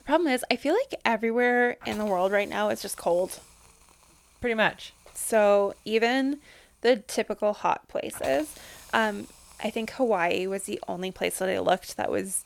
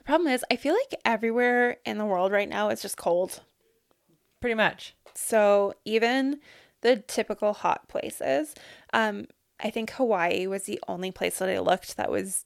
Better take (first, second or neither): second